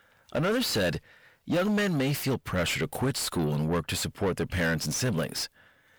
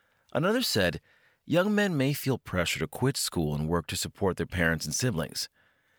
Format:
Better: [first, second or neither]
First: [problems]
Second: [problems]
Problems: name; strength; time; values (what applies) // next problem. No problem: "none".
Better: second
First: distortion; heavy; 7 dB below the speech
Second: none